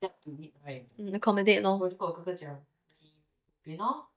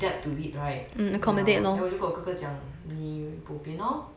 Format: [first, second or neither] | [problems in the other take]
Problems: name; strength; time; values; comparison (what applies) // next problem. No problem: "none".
second | noise reduction (neural mask model DeepFilterNet 3)